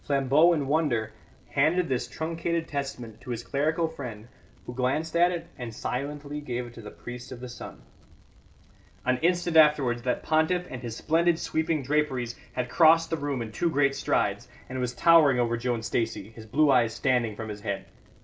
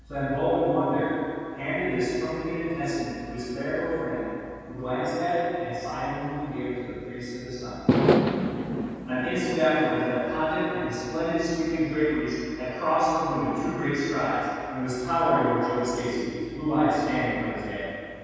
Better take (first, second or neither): first